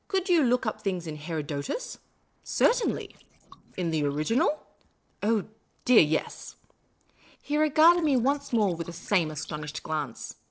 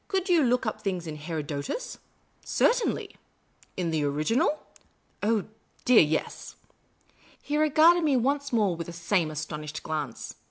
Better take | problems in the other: second | noise reduction (neural separator model SepFormer DNS4)

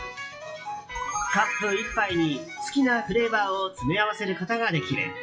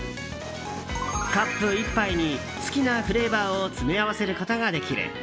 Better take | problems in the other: second | noise reduction (classical method WPE with log-MMSE)

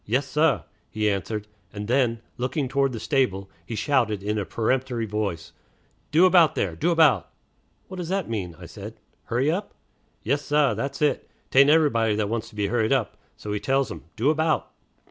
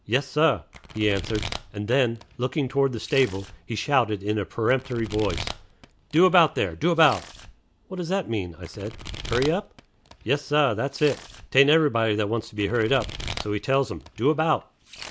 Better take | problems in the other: first | background sound (Domestic sounds, home sounds); 15 dB below the speech

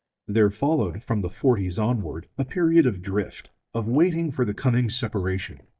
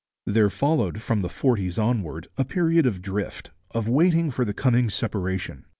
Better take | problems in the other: second | noise reduction (neural mask model DeepFilterNet 3)

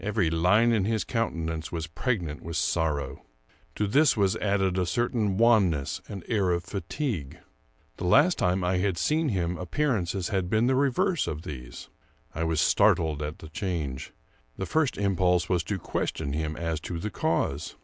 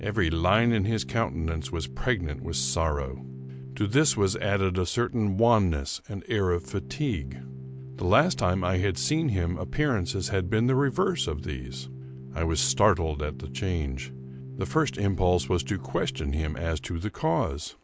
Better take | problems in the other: first | background sound (Organ); 13 dB below the speech

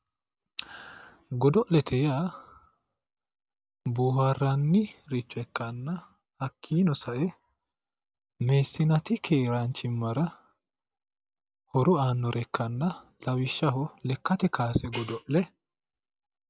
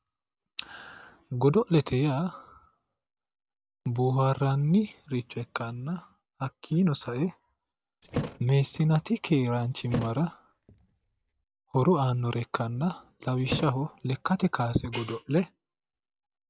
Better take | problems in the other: first | background sound (Thump, thud); 10 dB below the speech

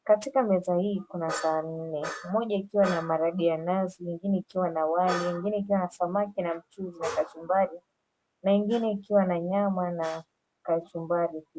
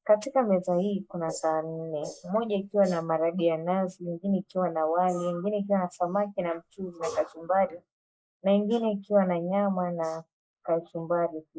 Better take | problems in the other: first | noise reduction (neural mask model Resemble Enhance denoiser)

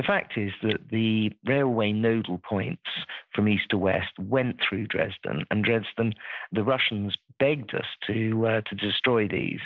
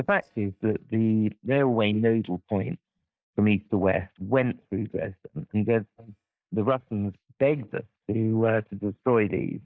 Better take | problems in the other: first | noise reduction (neural mask model DeepFilterNet 3)

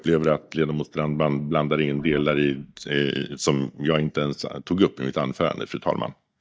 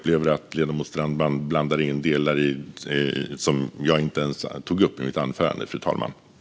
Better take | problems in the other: second | noise reduction (neural mask model DeepFilterNet 3)

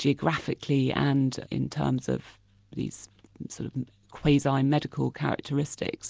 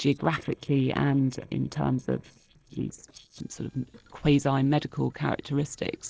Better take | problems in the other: first | noise reduction (neural separator model SepFormer DNS4)

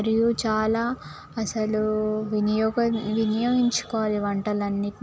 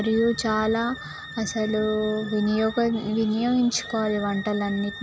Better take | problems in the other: first | background sound (Wind instrument, woodwind instrument); 15 dB below the speech

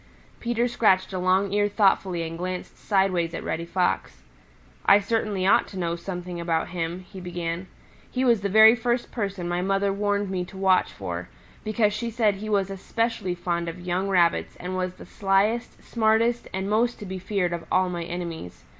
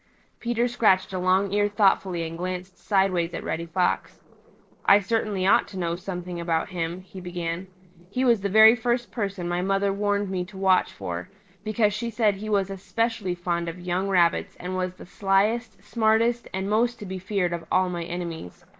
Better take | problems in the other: first | noise reduction (neural separator model SepFormer DNS4)

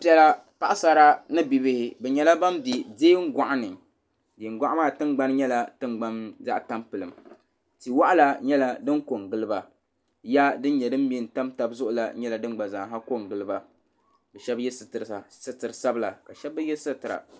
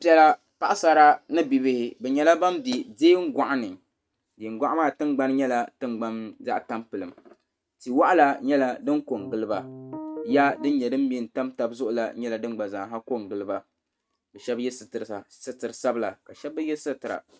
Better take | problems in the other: first | noise reduction (neural mask model RNNoise)

